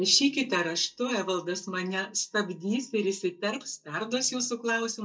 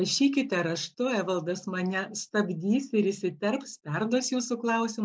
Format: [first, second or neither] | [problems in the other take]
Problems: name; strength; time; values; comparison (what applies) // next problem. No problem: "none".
second | noise reduction (neural mask model DeepFilterNet 3)